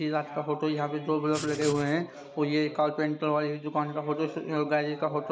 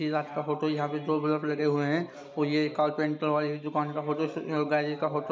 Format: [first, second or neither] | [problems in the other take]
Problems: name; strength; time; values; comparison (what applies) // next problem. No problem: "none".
second | background sound (Writing); 12 dB below the speech